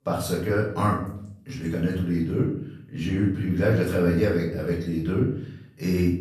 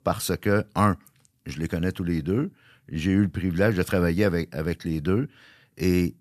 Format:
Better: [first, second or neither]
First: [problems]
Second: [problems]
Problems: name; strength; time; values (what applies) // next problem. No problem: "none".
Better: second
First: off-mic speech; far // room echo; noticeable; dies away in 0.6 s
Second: none